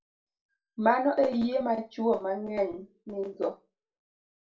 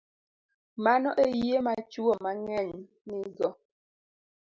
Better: second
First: room echo; dies away in 0.2 s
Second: none

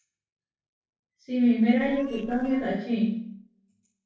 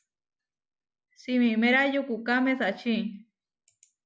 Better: second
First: noise reduction (neural separator model SepFormer DNS4)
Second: none

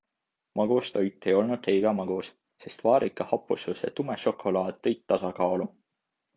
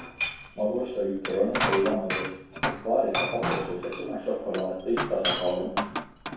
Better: first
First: none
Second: background sound (Glass); 3 dB below the speech // room echo; dies away in 0.7 s

